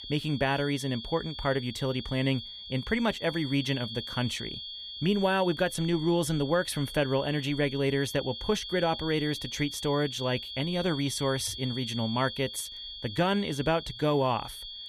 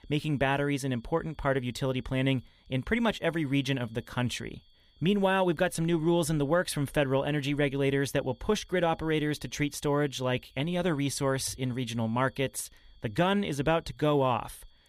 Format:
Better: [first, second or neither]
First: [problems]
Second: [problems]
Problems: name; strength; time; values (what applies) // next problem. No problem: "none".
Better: second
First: high-pitched whine; loud; throughout; 3.5 kHz, 9 dB below the speech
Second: high-pitched whine; faint; throughout; 3.5 kHz, 35 dB below the speech